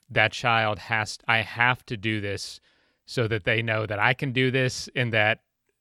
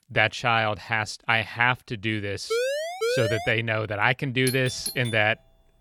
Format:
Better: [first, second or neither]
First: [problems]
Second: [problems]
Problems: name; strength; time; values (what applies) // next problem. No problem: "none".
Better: first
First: none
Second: siren; noticeable; from 2.5 to 3.5 s; peak 1 dB below the speech // doorbell; noticeable; at 4.5 s; peak 8 dB below the speech